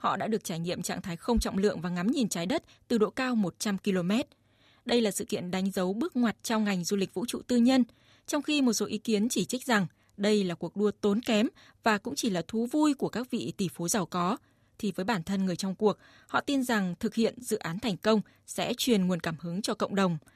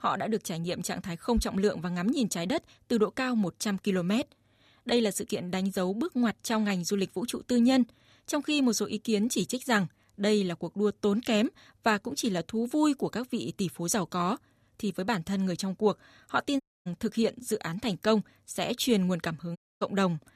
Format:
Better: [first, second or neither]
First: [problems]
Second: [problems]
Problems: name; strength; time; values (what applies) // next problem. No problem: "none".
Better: first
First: none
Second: audio cutting out; at 17 s and at 20 s